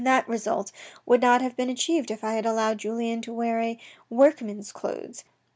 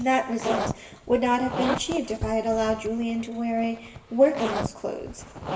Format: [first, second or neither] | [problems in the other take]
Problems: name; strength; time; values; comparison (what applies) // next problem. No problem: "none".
first | background sound (Zipper (clothing)); 7 dB below the speech // room echo; dies away in 1.6 s